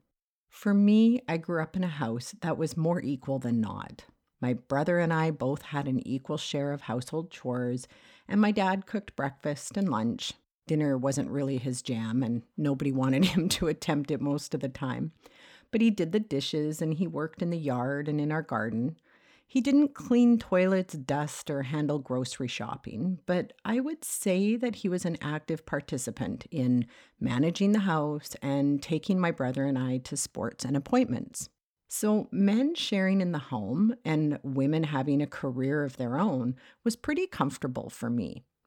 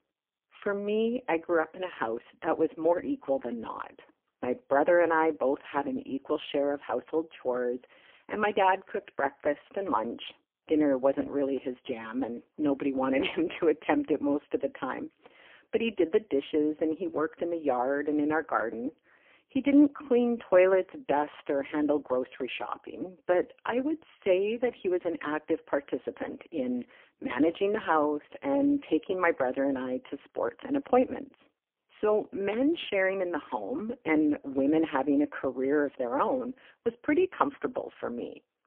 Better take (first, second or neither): first